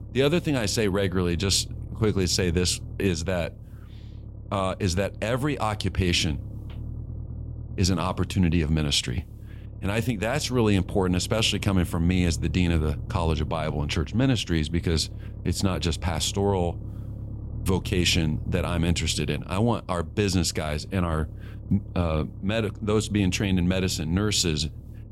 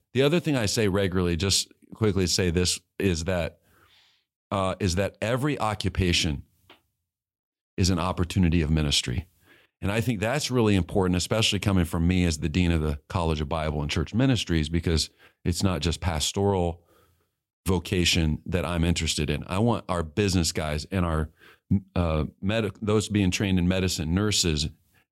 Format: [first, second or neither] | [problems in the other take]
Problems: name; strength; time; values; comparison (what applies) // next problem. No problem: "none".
second | low rumble; faint; throughout; 20 dB below the speech